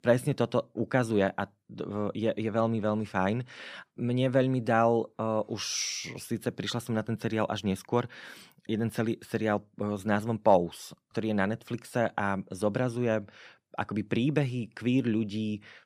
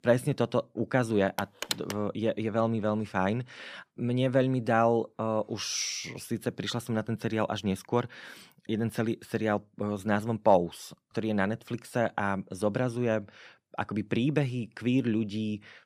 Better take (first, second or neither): first